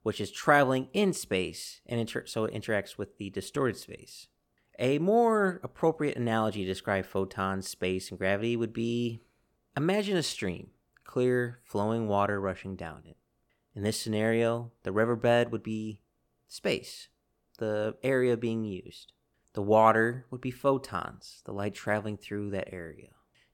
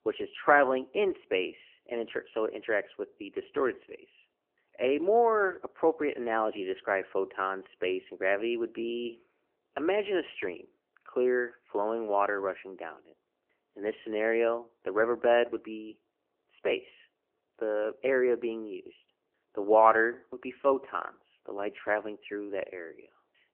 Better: first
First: none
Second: phone-call audio; nothing above 3 kHz

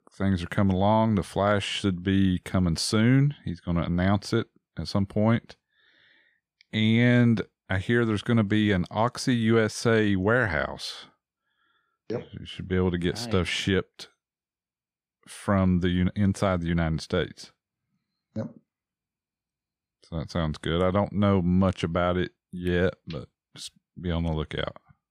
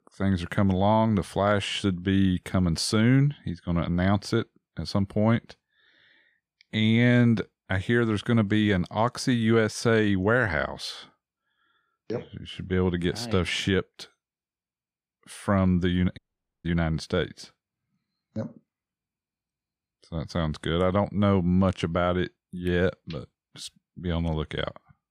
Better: first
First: none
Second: audio cutting out; at 16 s

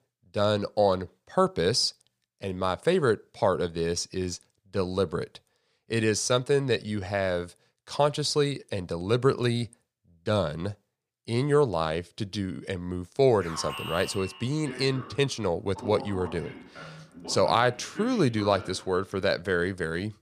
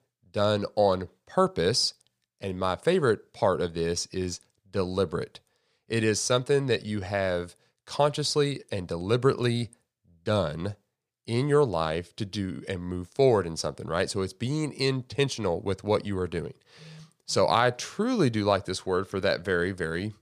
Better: second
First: alarm; noticeable; from 13 to 19 s; peak 8 dB below the speech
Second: none

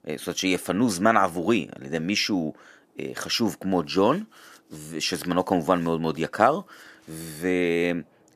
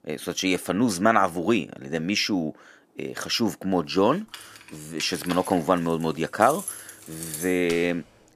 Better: first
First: none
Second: jangling keys; noticeable; from 4.5 s on; peak 8 dB below the speech

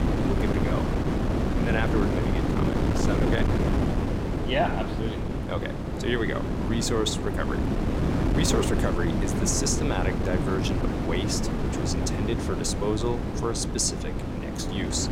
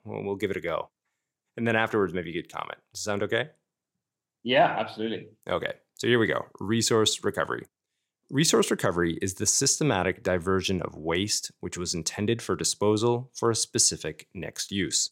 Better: second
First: wind noise on the microphone; heavy; 1 dB below the speech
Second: none

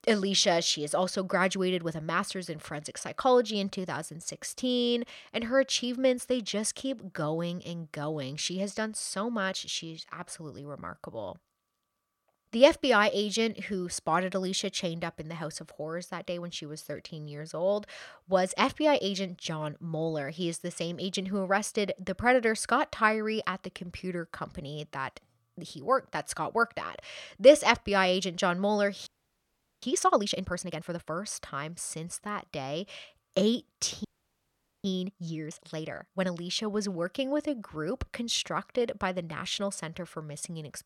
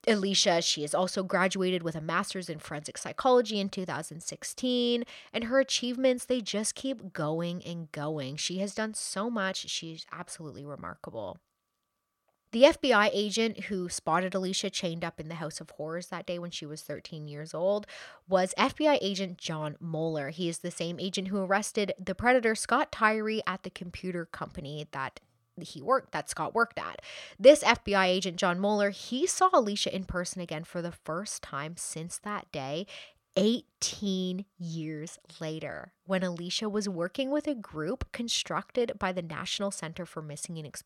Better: second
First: audio freezing; at 29 s for 1 s and at 34 s for 1 s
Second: none

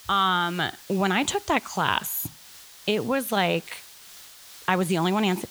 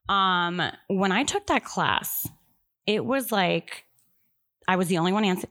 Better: second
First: hiss; noticeable; throughout; 20 dB below the speech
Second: none

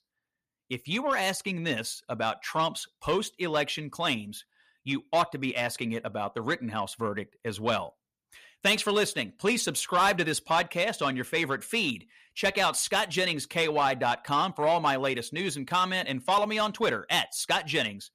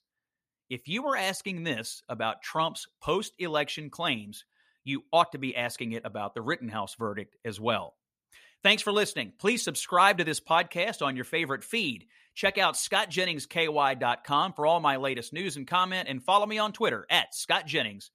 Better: second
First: distortion; slight; 10 dB below the speech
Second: none

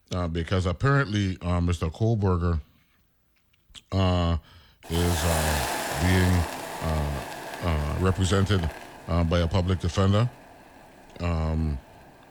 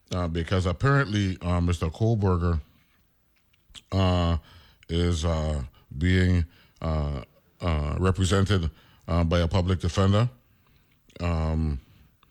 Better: second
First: hiss; loud; from 5 s on; 6 dB below the speech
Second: none

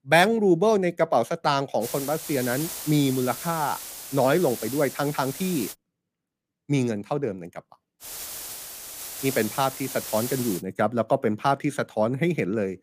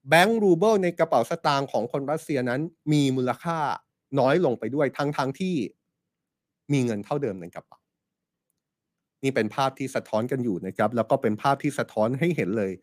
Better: second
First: hiss; loud; from 2 to 5.5 s and from 8 to 11 s; 9 dB below the speech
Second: none

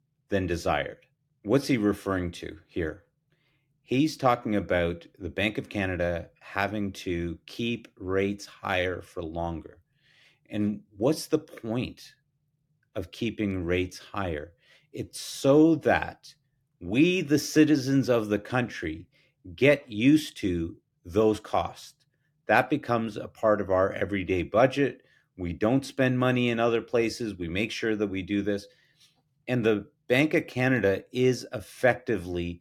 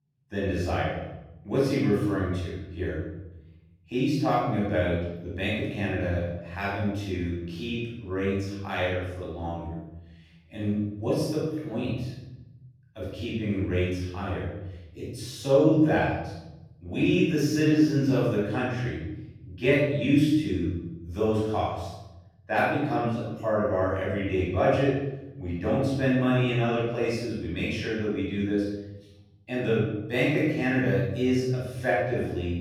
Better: first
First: none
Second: room echo; strong; dies away in 1.3 s // off-mic speech; far

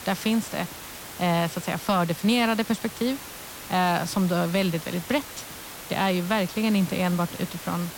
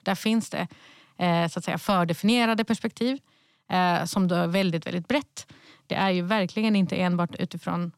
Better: second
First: hiss; noticeable; throughout; 10 dB below the speech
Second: none

